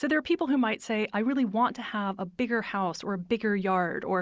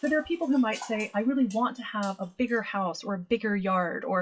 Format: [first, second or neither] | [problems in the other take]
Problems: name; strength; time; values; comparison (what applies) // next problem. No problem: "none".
first | noise reduction (classical method WPE with log-MMSE)